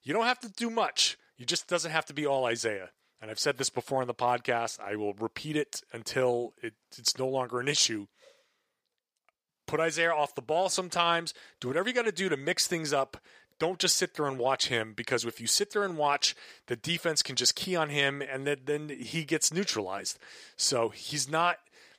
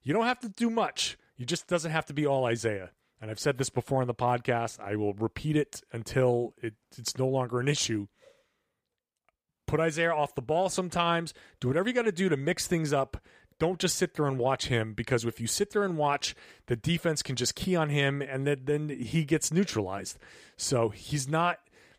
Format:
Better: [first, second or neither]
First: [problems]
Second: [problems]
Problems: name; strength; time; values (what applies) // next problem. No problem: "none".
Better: second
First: thin; very slightly; fading below 1 kHz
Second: none